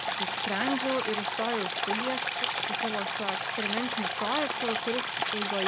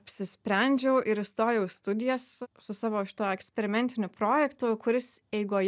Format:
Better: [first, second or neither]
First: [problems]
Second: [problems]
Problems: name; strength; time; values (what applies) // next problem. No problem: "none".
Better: second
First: background sound (Stream); 2 dB above the speech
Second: none